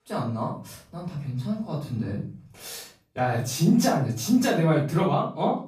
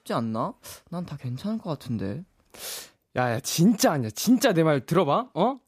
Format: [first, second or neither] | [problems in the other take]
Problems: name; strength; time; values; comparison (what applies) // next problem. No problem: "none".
second | off-mic speech; far // room echo; slight; dies away in 0.4 s